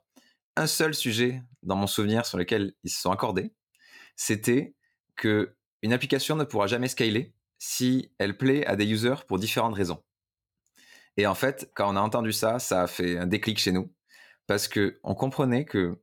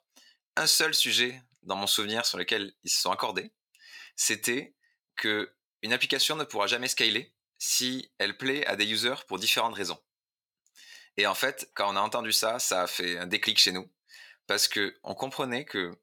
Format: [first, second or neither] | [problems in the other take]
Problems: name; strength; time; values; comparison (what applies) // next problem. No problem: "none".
first | thin; somewhat; fading below 950 Hz